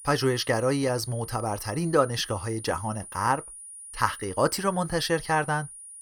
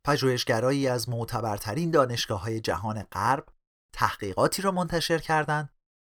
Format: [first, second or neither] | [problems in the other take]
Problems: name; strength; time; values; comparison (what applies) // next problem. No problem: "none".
second | high-pitched whine; noticeable; throughout; 9.5 kHz, 15 dB below the speech